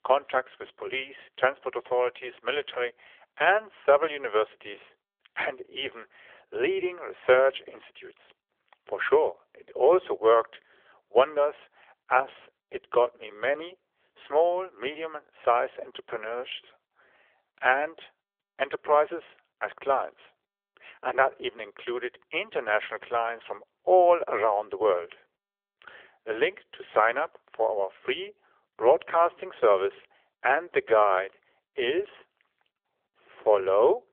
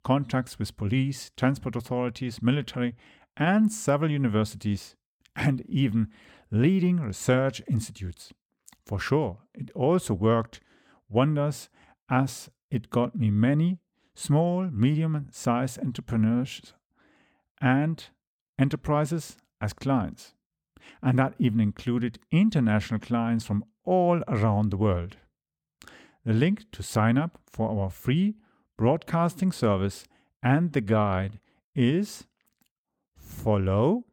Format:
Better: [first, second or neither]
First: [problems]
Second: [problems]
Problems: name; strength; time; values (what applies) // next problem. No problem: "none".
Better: second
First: phone-call audio; nothing above 3.5 kHz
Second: none